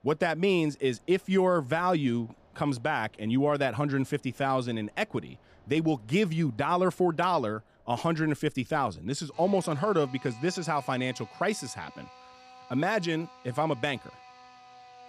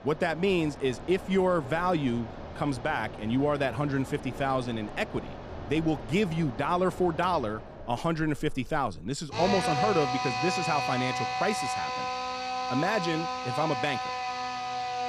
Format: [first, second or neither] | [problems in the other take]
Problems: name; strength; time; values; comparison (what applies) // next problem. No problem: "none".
first | machinery noise; loud; throughout; 5 dB below the speech; faint in the first